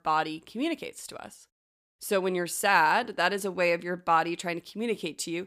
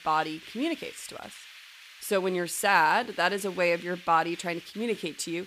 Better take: first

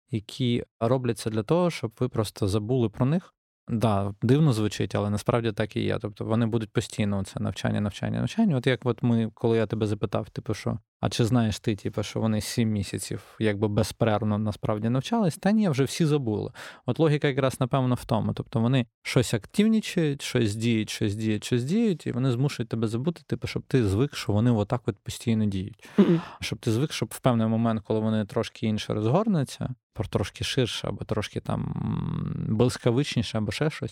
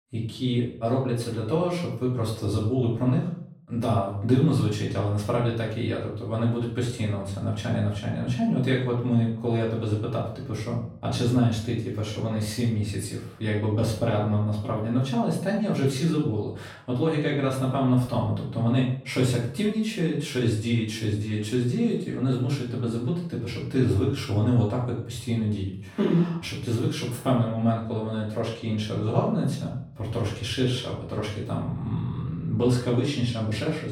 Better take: first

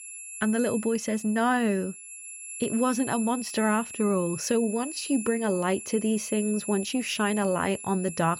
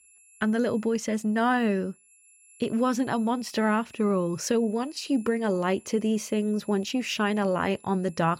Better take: second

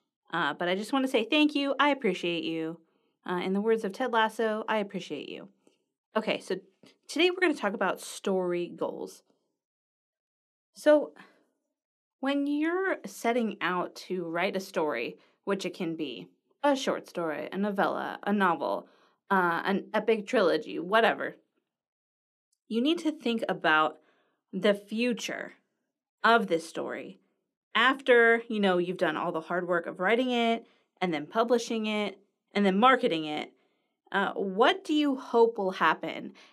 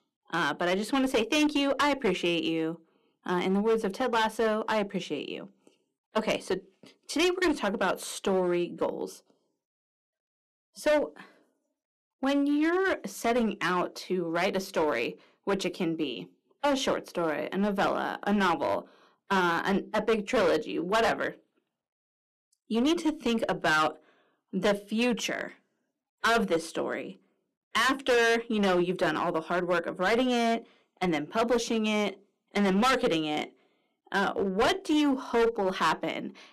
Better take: first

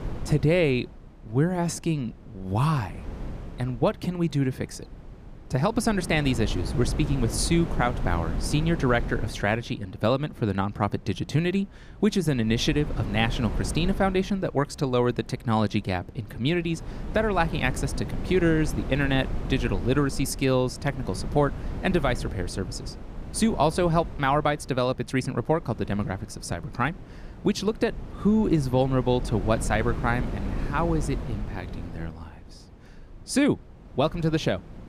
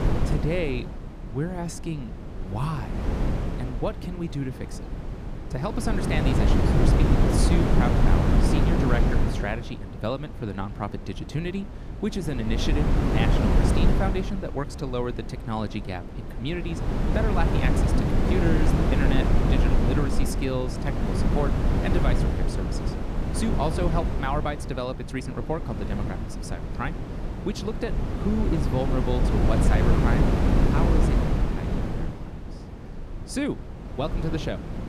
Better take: first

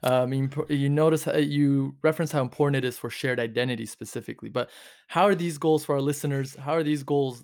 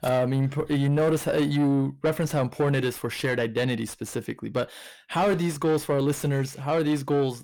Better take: first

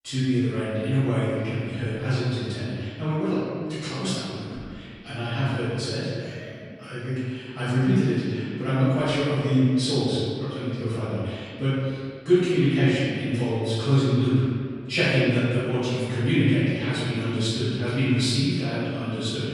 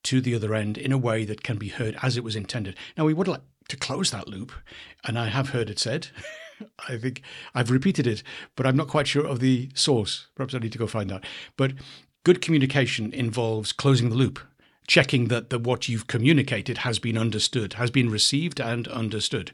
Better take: second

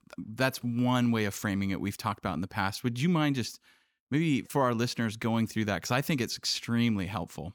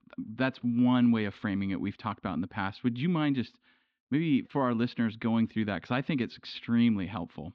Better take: first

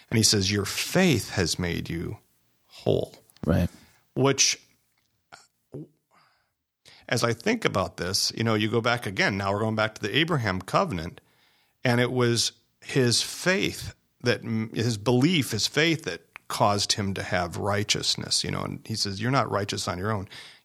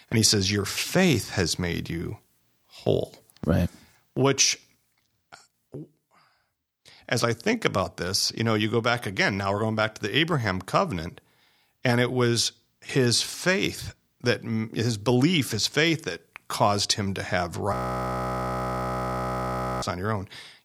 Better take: first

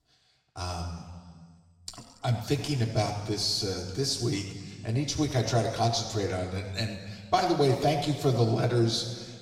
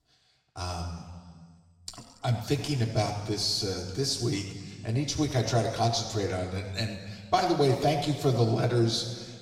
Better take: neither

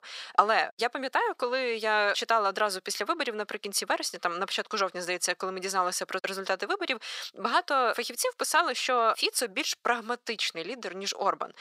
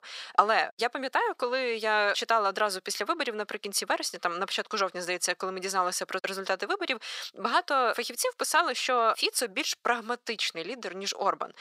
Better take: neither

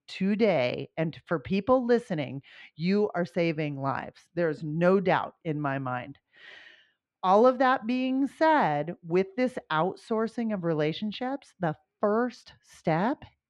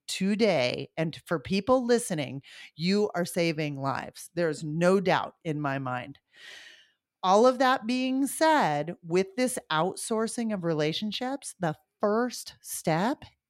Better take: second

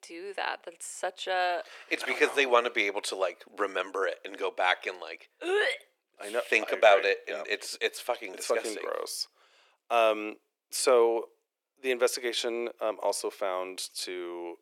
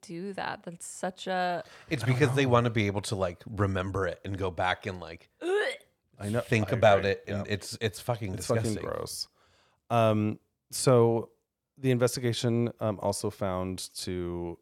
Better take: second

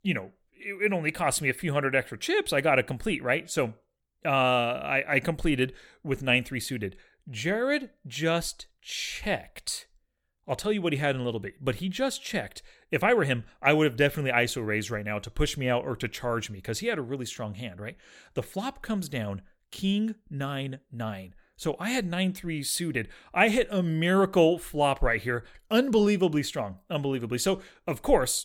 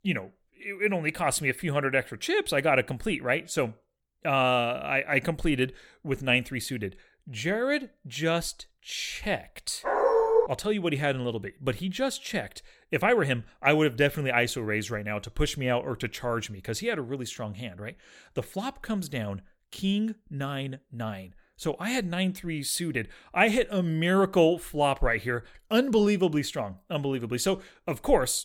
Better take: first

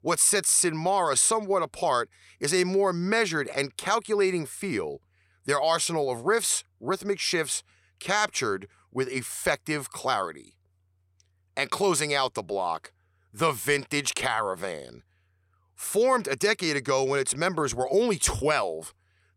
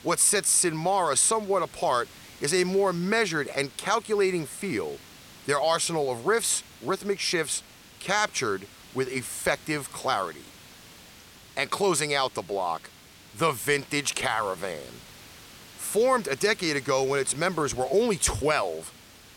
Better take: first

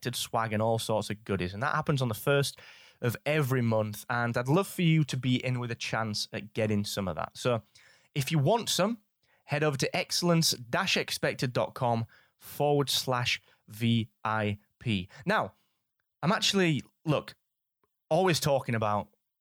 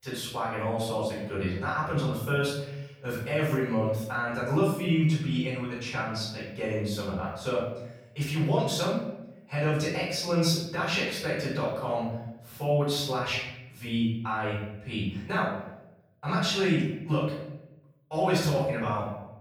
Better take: first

